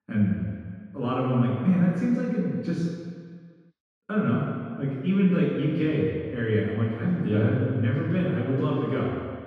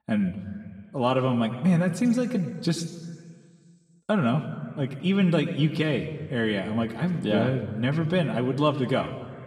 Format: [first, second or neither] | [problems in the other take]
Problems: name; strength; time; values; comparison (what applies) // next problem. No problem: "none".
second | room echo; strong; dies away in 1.8 s; slight in the second // off-mic speech; far